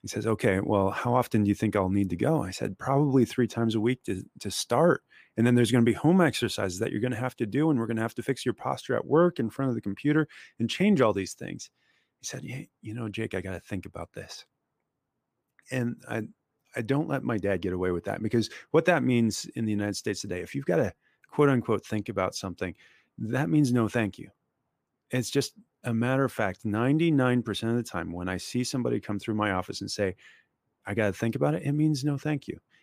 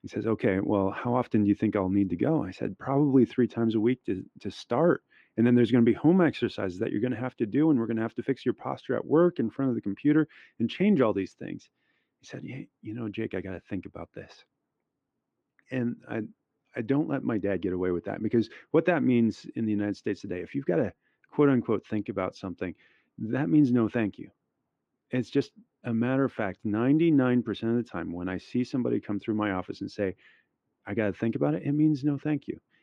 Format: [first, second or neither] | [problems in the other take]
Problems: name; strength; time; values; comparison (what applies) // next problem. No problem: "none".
first | muffled; slightly; fading above 3 kHz